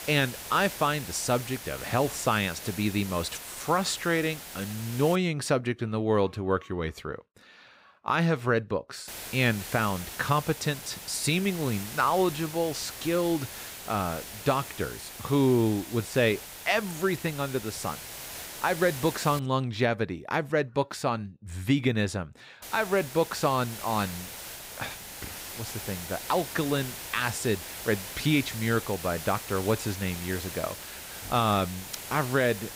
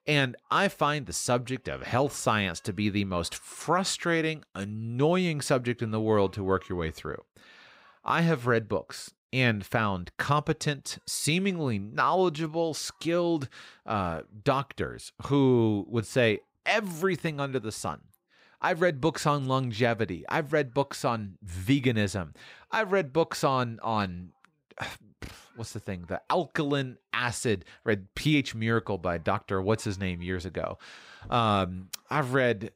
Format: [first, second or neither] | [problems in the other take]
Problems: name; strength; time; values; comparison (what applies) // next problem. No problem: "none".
second | hiss; noticeable; until 5 s, from 9 to 19 s and from 23 s on; 10 dB below the speech